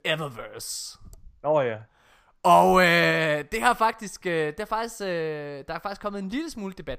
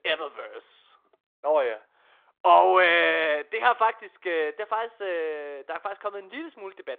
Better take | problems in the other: first | phone-call audio; nothing above 3.5 kHz

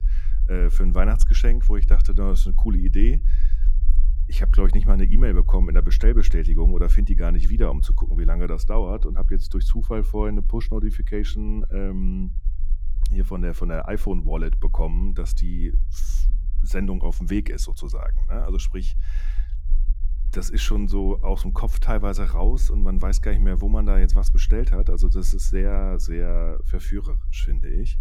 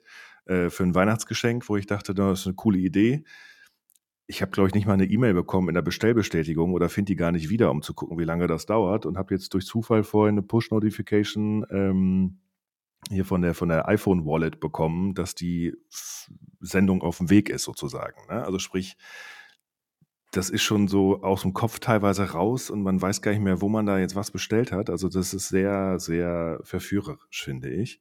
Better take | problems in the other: second | low rumble; noticeable; throughout; 15 dB below the speech

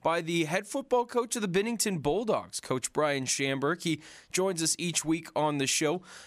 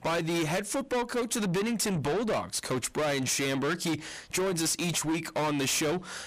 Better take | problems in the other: first | distortion; heavy; 6 dB below the speech

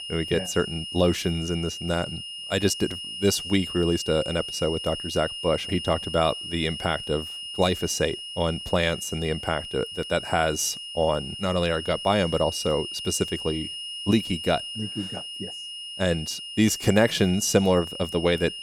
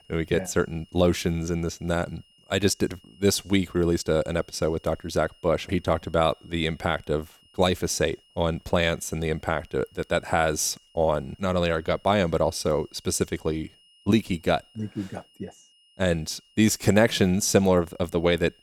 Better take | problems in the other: second | high-pitched whine; loud; throughout; 3 kHz, 8 dB below the speech; faint in the second

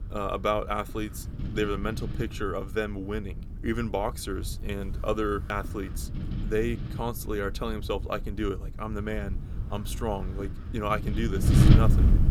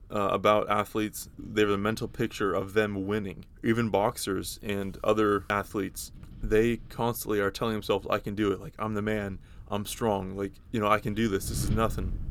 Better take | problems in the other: second | wind noise on the microphone; heavy; 7 dB below the speech; occasional gusts in the second

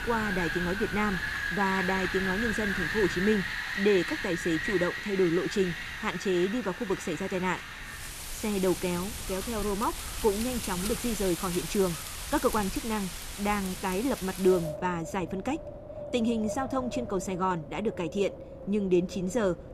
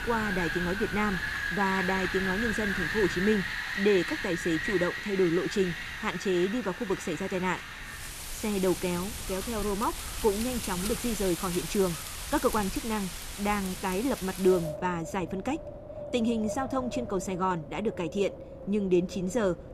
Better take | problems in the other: neither | wind in the background; loud; throughout; 5 dB below the speech; the same in both

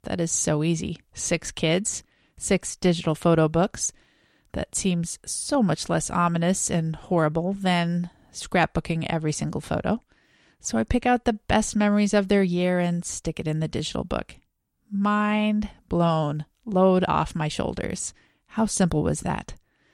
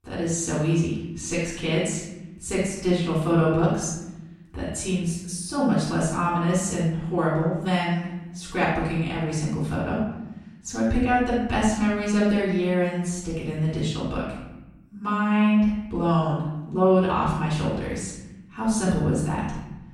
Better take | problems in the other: first | off-mic speech; far // room echo; strong; dies away in 1 s

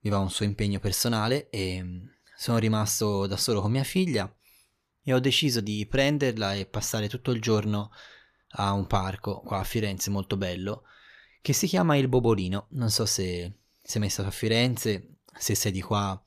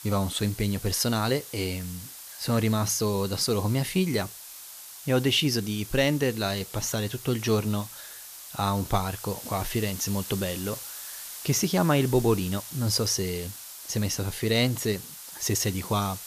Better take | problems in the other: first | hiss; noticeable; throughout; 10 dB below the speech

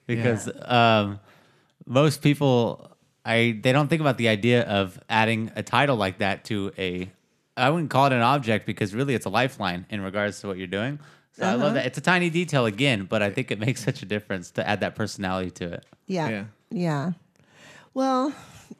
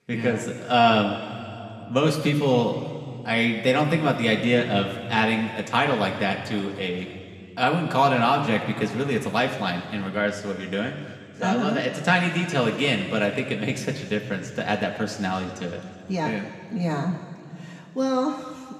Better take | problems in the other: first | room echo; slight; dies away in 2.3 s // off-mic speech; somewhat distant

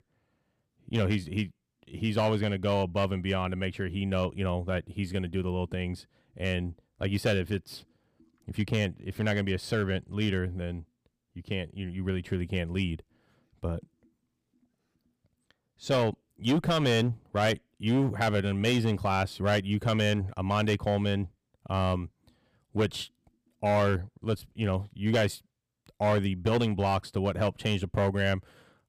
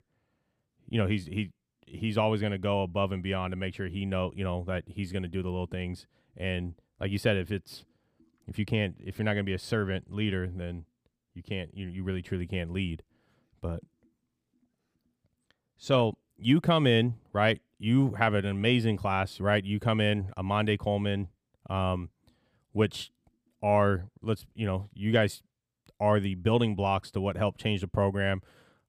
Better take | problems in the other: second | distortion; slight; 6% of the sound clipped

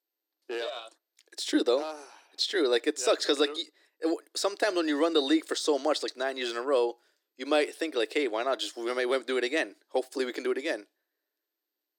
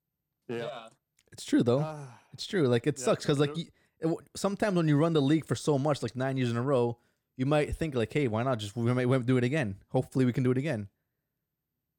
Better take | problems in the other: second | thin; somewhat; fading below 300 Hz

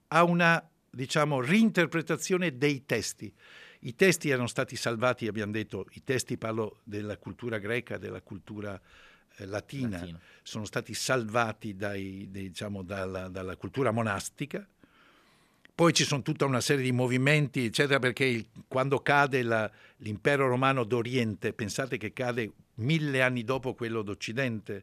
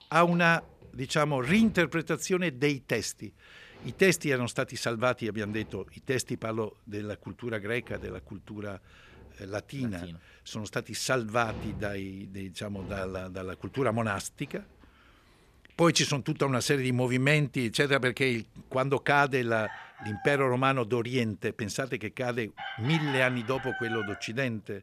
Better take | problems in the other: first | animal sounds; noticeable; throughout; 15 dB below the speech

